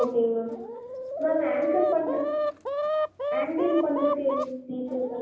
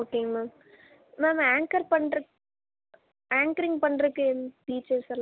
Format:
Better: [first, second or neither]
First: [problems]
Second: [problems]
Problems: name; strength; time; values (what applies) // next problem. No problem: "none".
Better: second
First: background sound (Chicken, rooster); 2 dB below the speech // room echo; dies away in 0.9 s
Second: none